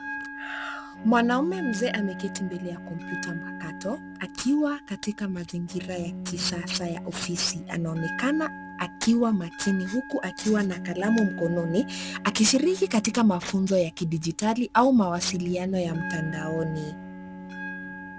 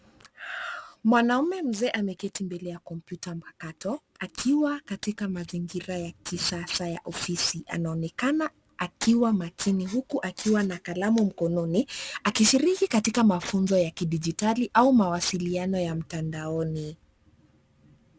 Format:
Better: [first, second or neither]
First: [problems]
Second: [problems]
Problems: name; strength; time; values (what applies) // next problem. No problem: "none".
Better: second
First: background sound (Bell + Bowed string instrument); 10 dB below the speech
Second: none